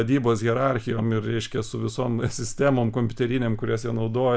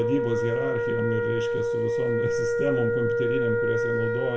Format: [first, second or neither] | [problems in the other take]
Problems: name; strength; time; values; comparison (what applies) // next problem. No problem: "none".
first | background sound (Wind instrument, woodwind instrument); 4 dB above the speech // room echo; dies away in 0.7 s